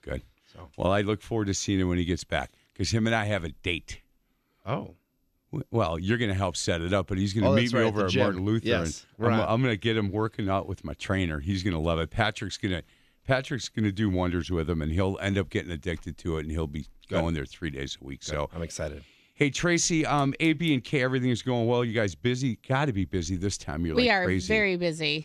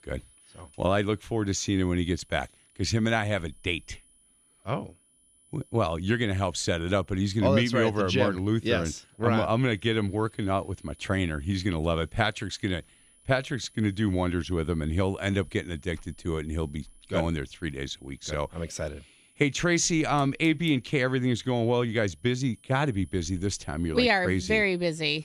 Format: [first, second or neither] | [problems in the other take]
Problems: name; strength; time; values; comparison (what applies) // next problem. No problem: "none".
first | high-pitched whine; faint; throughout; 10 kHz, 30 dB below the speech